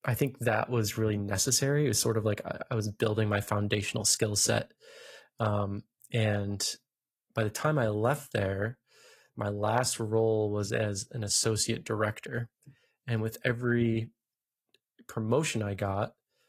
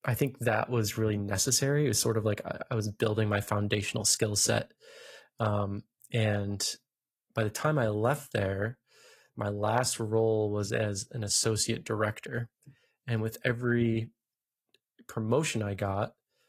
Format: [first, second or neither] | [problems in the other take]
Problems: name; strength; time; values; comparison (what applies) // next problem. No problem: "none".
neither | garbled, watery; slightly; nothing above 14.5 kHz; the same in both